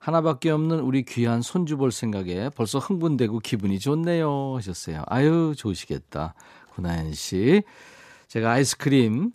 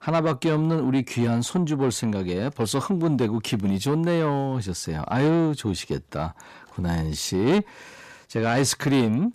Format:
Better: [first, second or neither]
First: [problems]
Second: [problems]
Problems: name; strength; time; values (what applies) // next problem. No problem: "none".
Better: first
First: none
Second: distortion; slight; 10 dB below the speech